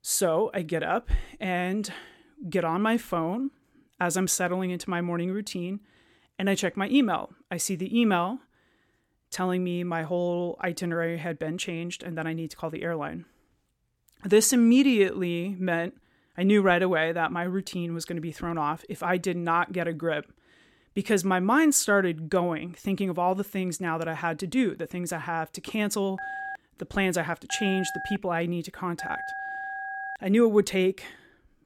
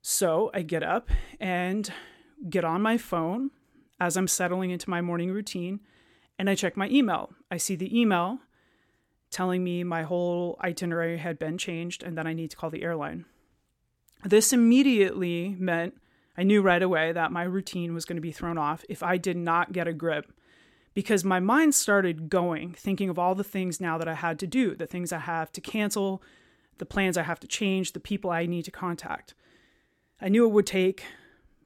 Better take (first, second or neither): second